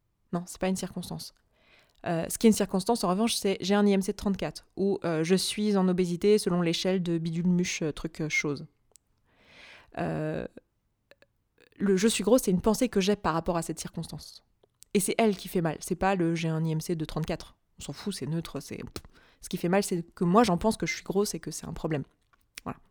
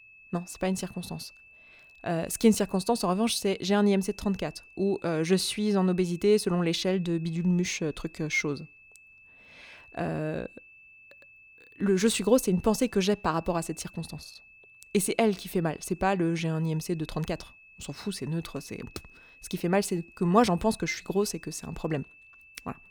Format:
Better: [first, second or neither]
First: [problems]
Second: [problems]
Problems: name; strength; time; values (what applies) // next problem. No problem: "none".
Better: first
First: none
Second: high-pitched whine; faint; throughout; 2.5 kHz, 25 dB below the speech